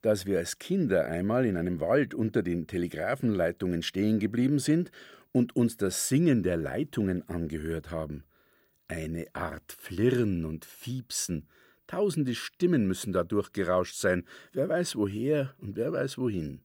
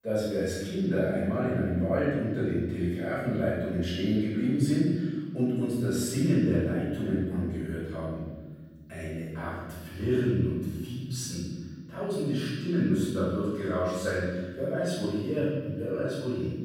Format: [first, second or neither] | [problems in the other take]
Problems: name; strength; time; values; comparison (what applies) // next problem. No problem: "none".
first | off-mic speech; far // room echo; strong; dies away in 1.6 s